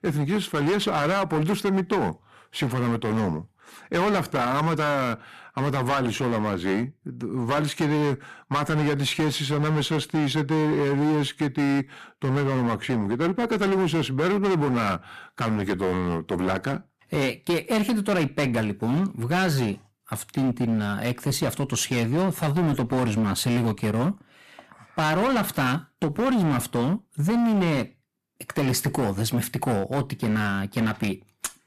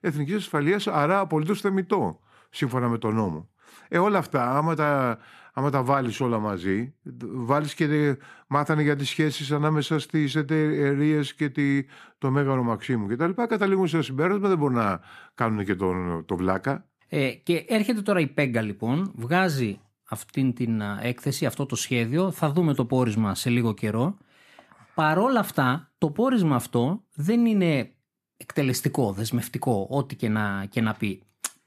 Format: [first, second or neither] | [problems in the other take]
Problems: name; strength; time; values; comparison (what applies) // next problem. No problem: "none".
second | distortion; heavy; 18% of the sound clipped